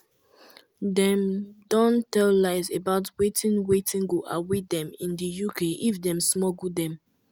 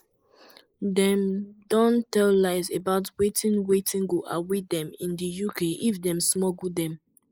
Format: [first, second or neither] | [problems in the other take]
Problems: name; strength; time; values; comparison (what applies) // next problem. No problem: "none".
first | noise reduction (neural mask model Resemble Enhance denoiser)